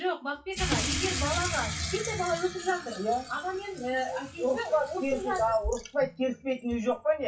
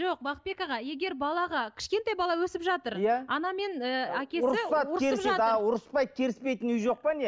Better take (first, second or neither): second